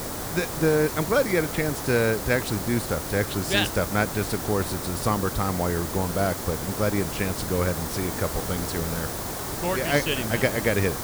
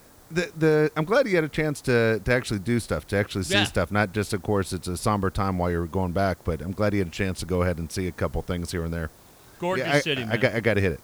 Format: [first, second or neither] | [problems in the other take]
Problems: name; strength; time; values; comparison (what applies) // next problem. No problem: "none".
second | hiss; loud; throughout; 5 dB below the speech; faint in the second